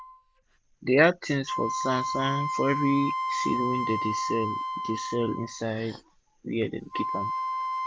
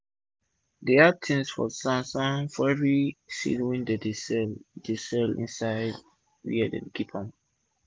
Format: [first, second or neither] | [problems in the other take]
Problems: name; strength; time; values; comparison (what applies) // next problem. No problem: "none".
second | background sound (Wind instrument, woodwind instrument); 3 dB below the speech